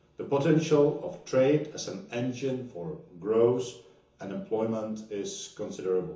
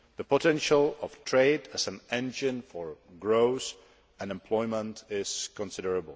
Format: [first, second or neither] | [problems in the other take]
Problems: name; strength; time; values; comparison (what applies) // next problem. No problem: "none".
second | room echo; dies away in 0.7 s